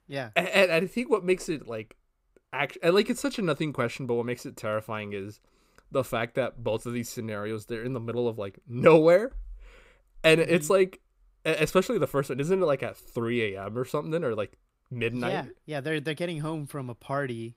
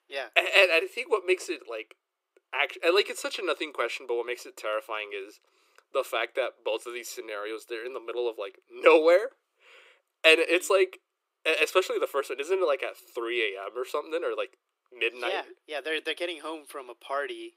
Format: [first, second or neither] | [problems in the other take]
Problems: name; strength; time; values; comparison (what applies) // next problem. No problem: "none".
first | thin; very; fading below 350 Hz